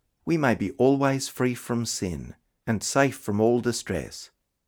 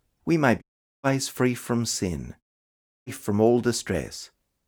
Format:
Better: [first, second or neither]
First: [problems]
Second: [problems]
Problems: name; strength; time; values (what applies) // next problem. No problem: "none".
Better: first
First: none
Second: audio cutting out; at 0.5 s and at 2.5 s for 0.5 s